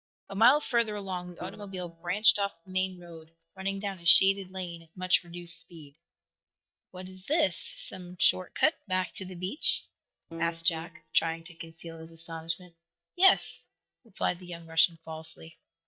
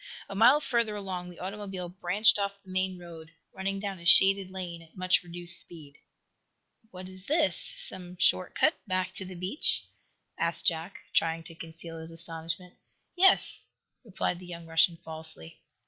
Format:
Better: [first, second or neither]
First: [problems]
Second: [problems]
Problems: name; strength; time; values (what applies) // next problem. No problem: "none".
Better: second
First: noise reduction (neural mask model DeepFilterNet 3)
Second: none